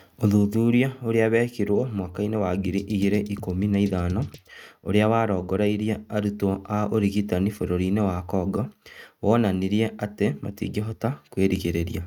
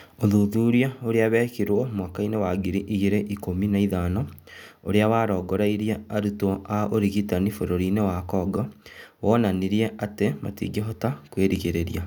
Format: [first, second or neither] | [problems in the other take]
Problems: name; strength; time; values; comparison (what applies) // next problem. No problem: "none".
second | noise reduction (neural mask model RNNoise)